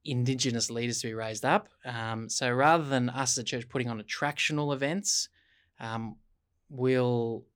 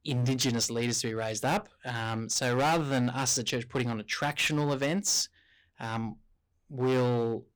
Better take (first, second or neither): first